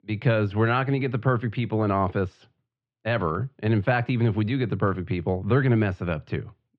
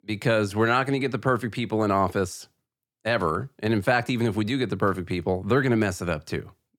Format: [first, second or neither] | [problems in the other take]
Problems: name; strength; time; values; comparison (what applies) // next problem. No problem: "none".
second | muffled; slightly; fading above 3 kHz